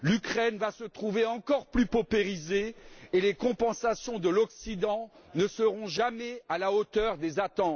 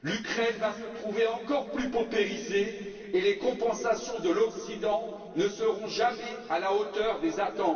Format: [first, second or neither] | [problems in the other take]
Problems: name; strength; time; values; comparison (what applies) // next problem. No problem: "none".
first | noise reduction (neural separator model SepFormer DNS4)